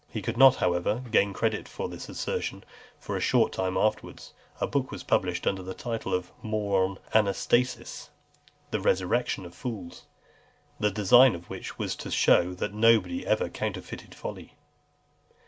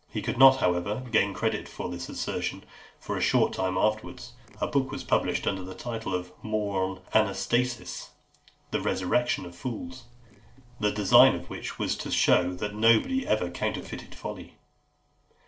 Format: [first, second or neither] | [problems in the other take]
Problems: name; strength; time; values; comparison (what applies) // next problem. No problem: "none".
first | noise reduction (neural separator model SepFormer DNS4)